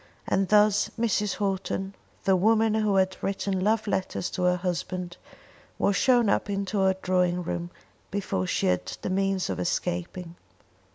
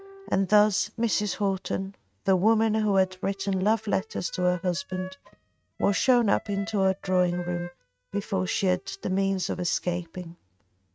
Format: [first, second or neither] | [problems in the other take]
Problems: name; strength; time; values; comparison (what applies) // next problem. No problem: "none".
first | noise reduction (neural mask model RNNoise)